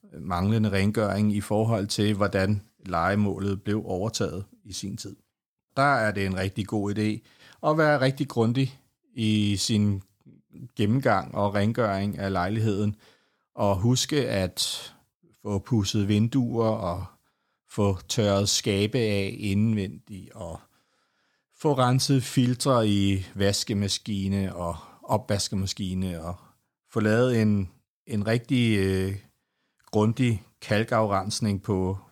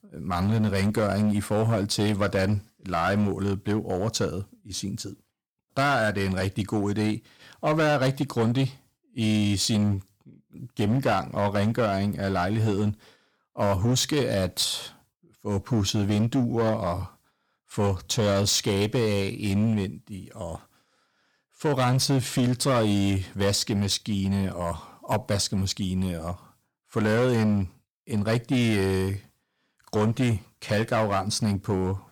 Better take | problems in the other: first | distortion; slight; 9% of the sound clipped

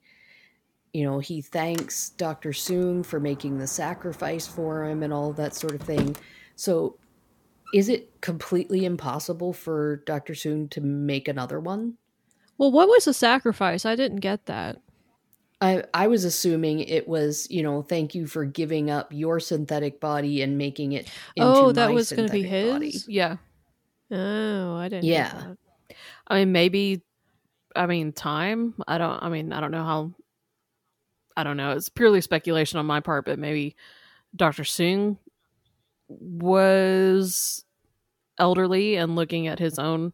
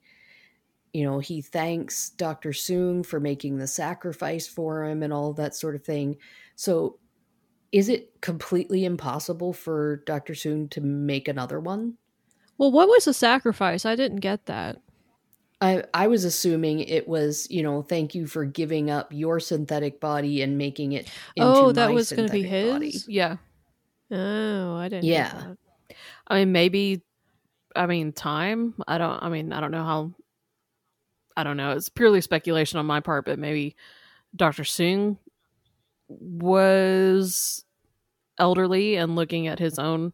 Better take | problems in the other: second | door banging; noticeable; from 2 to 7.5 s; peak 6 dB below the speech

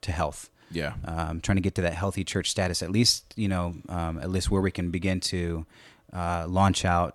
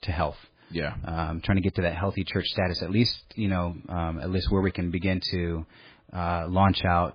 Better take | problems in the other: first | garbled, watery; badly

